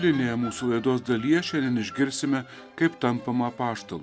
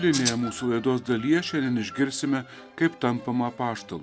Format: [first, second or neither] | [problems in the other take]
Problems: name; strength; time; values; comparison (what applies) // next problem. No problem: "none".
first | background sound (Rattle (instrument)); 5 dB below the speech